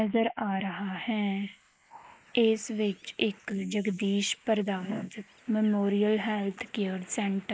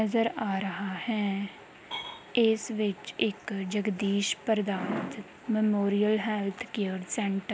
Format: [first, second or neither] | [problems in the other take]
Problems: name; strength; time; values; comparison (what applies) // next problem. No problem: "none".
second | noise reduction (neural mask model Resemble Enhance denoiser)